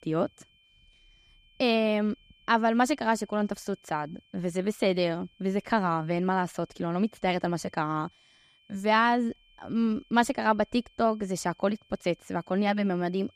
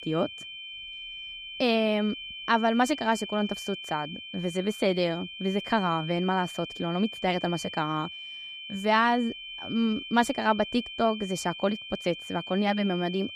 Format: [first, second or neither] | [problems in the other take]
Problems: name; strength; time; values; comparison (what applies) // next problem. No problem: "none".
first | high-pitched whine; loud; throughout; 3 kHz, 10 dB below the speech; faint in the first